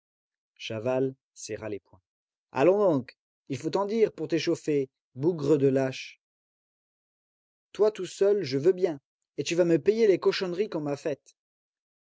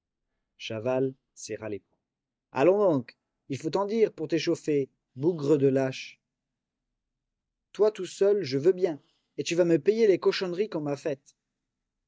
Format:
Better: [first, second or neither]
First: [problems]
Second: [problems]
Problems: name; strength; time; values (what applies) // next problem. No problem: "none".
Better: first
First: none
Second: noise reduction (neural mask model DeepFilterNet 3)